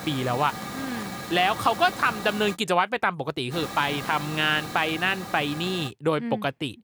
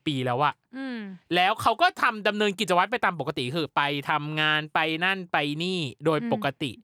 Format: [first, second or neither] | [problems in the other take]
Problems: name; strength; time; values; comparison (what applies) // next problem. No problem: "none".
second | hiss; noticeable; until 2.5 s and from 3.5 to 6 s; 10 dB below the speech